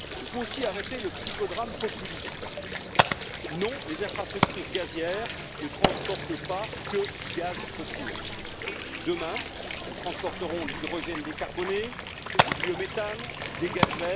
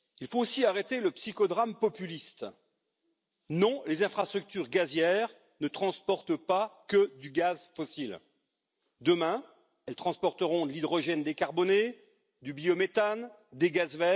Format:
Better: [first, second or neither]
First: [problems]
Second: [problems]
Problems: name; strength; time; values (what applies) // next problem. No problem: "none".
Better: second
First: background sound (Water + Fire); 2 dB above the speech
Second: none